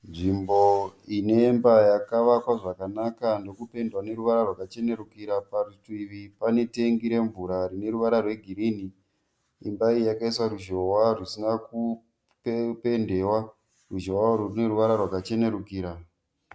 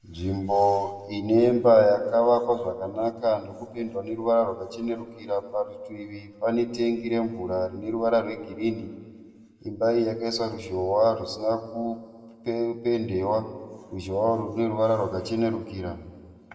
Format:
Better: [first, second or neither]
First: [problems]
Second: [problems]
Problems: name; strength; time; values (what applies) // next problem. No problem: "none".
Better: first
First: none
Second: room echo; dies away in 1.5 s